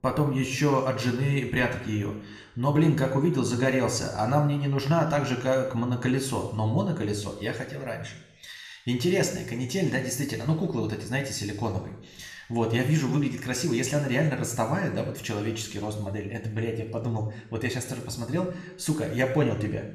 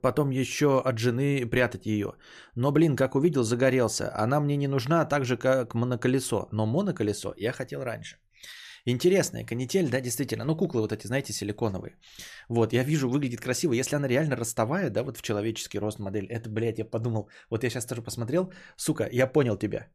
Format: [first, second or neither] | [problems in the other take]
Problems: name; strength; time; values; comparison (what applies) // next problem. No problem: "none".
second | room echo; slight; dies away in 0.8 s